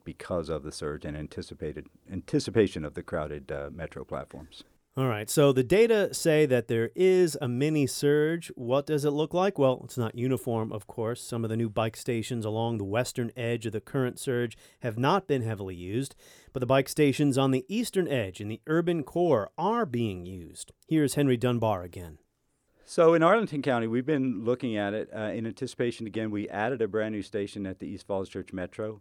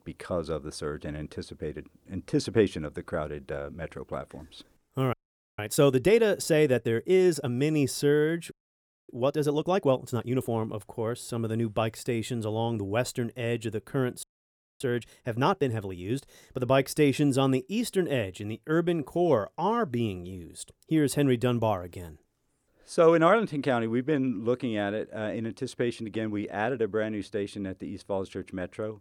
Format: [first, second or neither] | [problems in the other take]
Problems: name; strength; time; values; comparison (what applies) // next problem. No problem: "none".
first | audio freezing; at 5 s, at 8.5 s for 0.5 s and at 14 s for 0.5 s